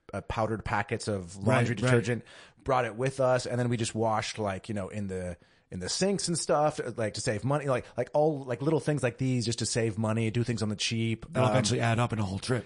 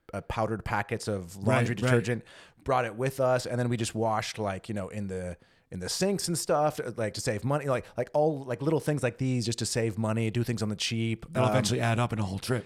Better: second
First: garbled, watery; slightly; nothing above 10 kHz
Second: none

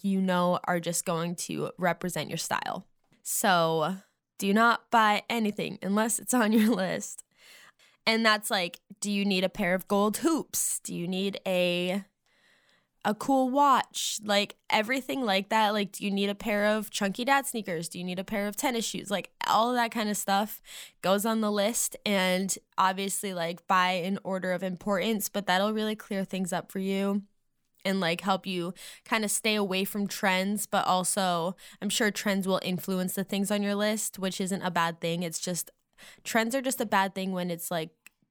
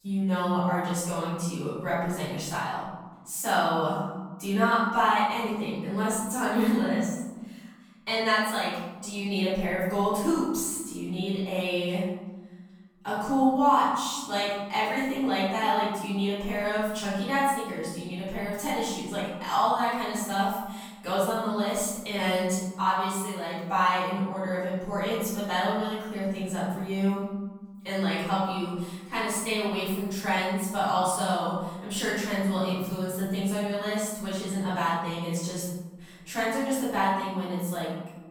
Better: first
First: none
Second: room echo; strong; dies away in 1.2 s // off-mic speech; far

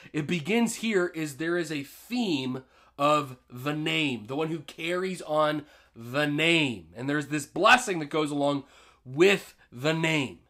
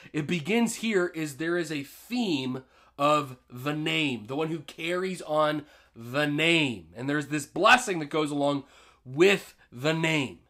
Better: neither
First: none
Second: none

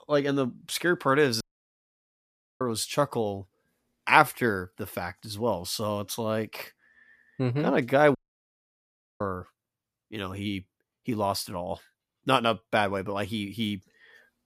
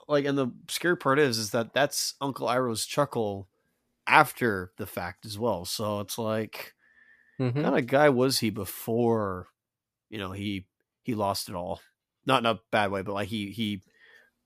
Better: second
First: audio cutting out; at 1.5 s for 1 s and at 8 s for 1 s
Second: none

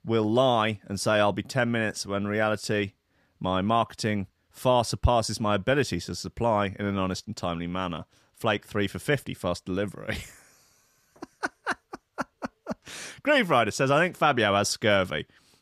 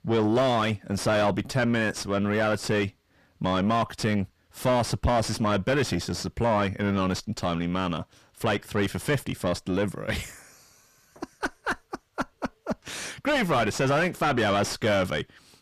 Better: first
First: none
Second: distortion; heavy; 6 dB below the speech

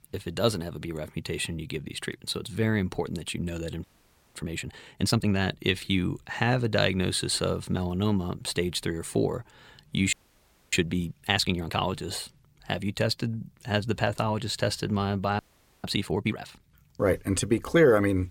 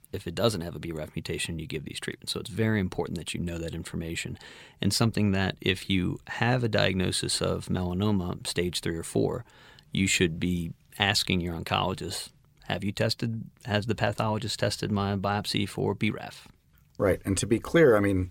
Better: second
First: audio freezing; at 4 s for 0.5 s, at 10 s for 0.5 s and at 15 s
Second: none

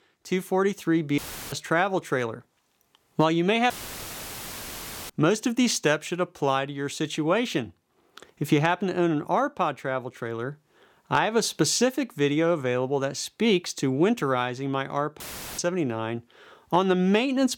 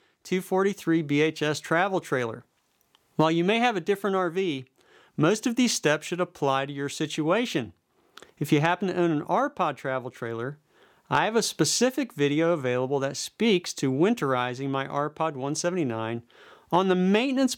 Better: second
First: audio cutting out; filled with static; at 1 s, at 3.5 s for 1.5 s and at 15 s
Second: none

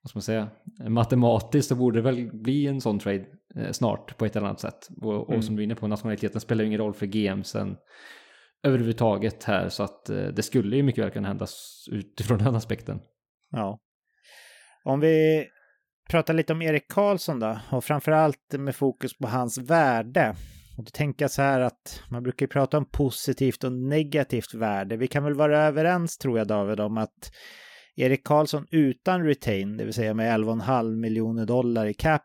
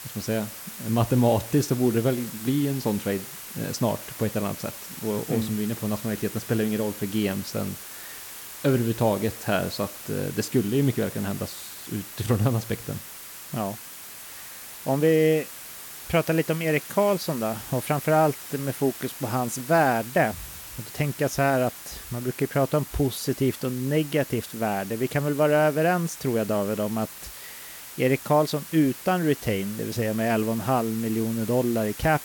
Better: first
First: none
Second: hiss; noticeable; throughout; 10 dB below the speech

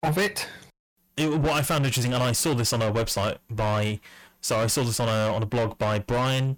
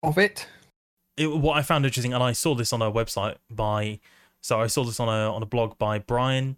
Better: second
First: distortion; heavy; 7 dB below the speech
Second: none

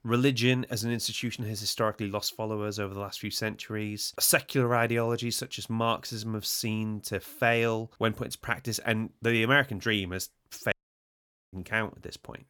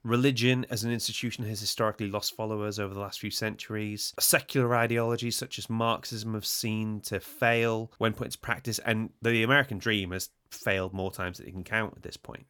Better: second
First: audio cutting out; at 11 s for 1 s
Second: none

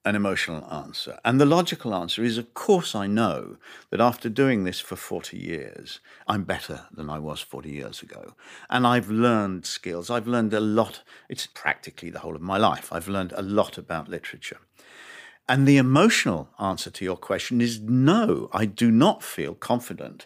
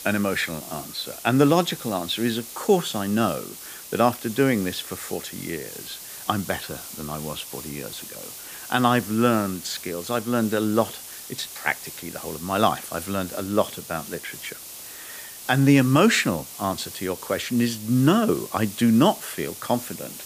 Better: first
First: none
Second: hiss; noticeable; throughout; 10 dB below the speech

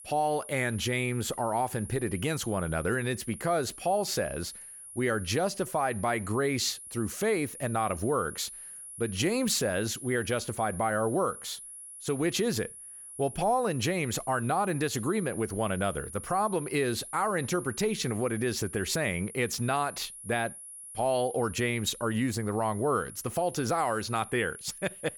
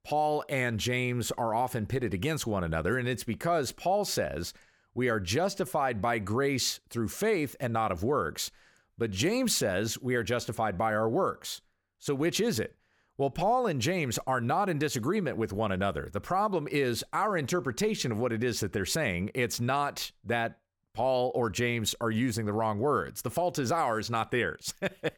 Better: second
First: high-pitched whine; noticeable; throughout; 9.5 kHz, 15 dB below the speech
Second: none

